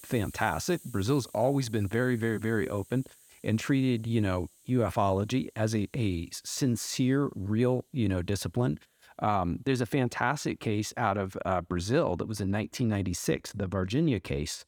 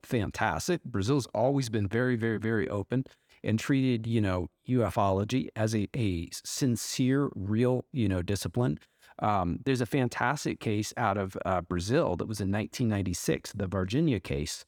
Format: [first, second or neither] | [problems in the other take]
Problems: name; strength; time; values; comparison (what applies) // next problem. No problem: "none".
second | hiss; faint; throughout; 25 dB below the speech